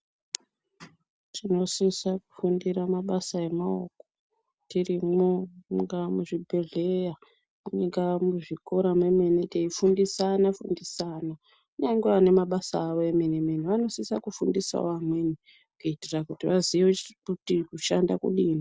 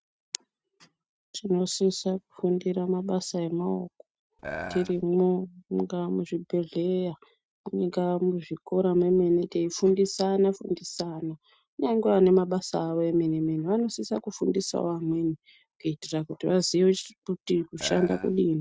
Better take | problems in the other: first | noise reduction (neural mask model RNNoise)

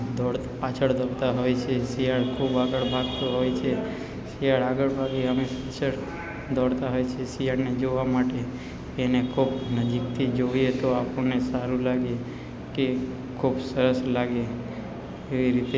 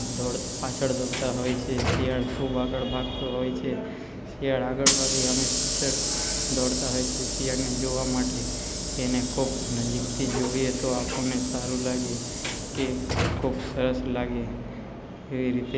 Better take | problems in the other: first | background sound (Sliding door / Hiss); 2 dB below the speech

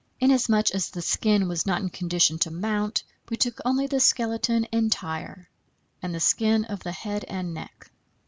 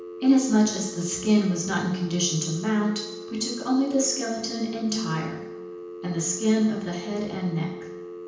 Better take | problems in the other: first | background sound (Telephone); 13 dB below the speech // room echo; dies away in 0.9 s

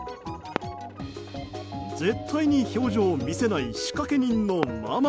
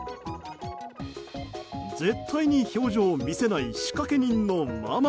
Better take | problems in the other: second | background sound (Fireworks + Bowed string instrument); 12 dB below the speech

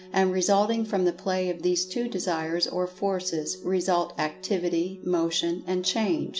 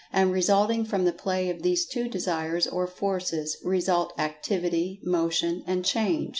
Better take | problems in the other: second | background sound (Organ); 20 dB below the speech

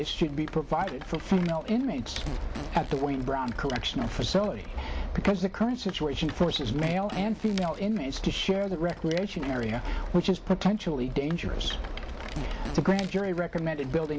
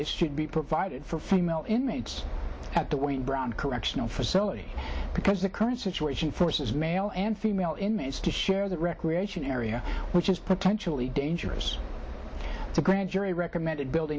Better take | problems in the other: second | background sound (Rattle + Fart); 15 dB below the speech

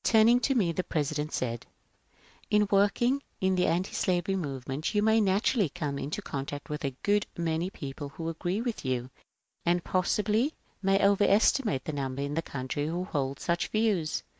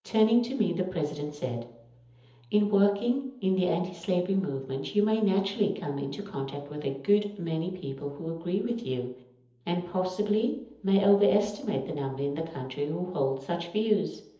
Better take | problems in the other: first | room echo; dies away in 0.7 s

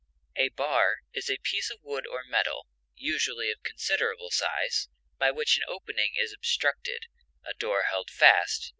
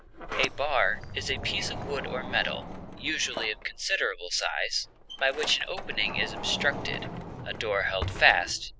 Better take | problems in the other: first | background sound (Sliding door); 8 dB below the speech

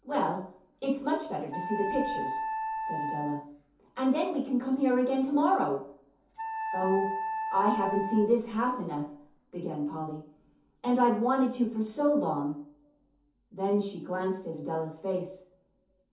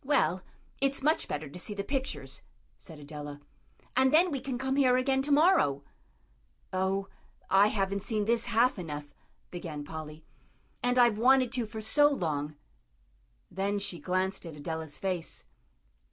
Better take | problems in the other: second | background sound (Wind instrument, woodwind instrument); 6 dB below the speech // room echo; dies away in 0.5 s

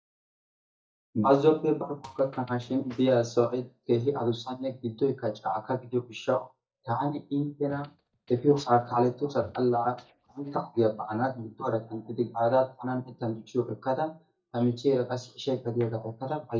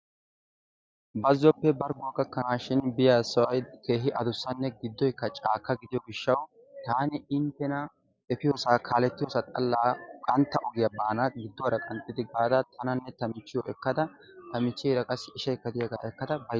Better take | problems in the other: second | noise reduction (neural mask model DeepFilterNet 3)

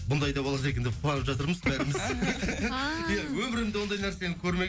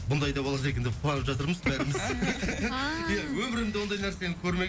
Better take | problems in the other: first | background sound (Stream + Bell); 18 dB below the speech

